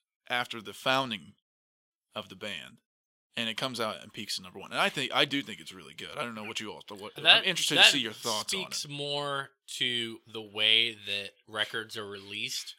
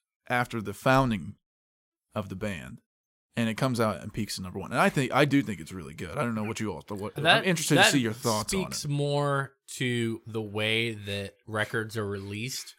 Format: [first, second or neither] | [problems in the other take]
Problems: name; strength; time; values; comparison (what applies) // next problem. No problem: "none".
second | thin; very slightly; fading below 450 Hz